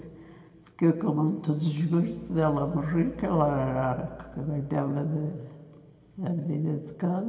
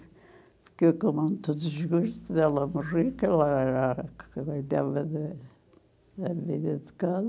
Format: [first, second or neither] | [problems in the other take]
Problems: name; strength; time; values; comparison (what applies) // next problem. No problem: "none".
second | room echo; dies away in 2.2 s